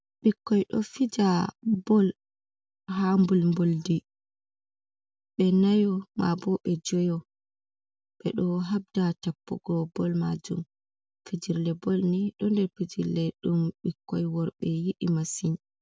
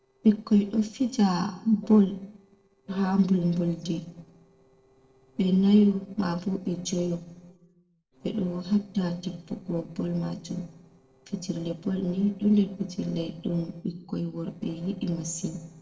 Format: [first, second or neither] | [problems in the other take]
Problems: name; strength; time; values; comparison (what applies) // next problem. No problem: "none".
first | noise reduction (neural separator model SepFormer DNS4)